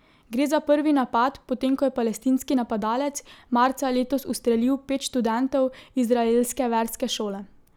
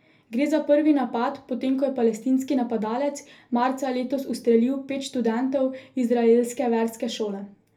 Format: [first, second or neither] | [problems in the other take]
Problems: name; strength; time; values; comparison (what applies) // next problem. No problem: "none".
first | room echo; dies away in 0.3 s